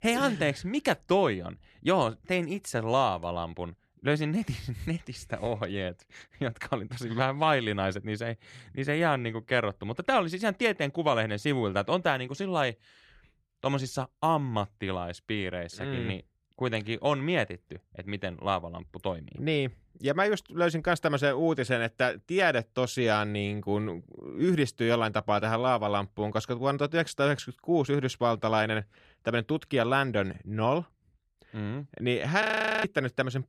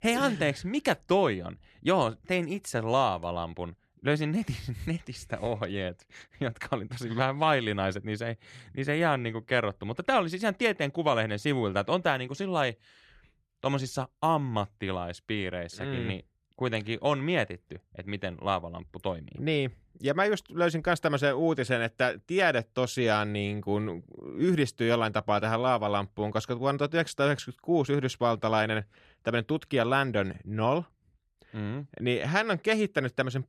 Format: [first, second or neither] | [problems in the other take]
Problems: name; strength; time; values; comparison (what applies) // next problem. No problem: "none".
second | audio freezing; at 32 s